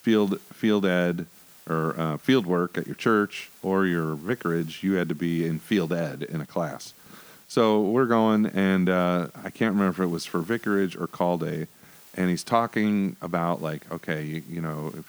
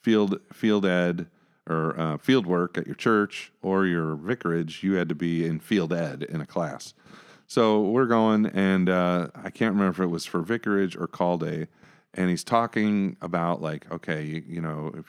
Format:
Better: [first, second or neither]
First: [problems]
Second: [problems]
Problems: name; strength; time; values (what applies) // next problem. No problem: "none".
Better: second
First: hiss; faint; throughout; 25 dB below the speech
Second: none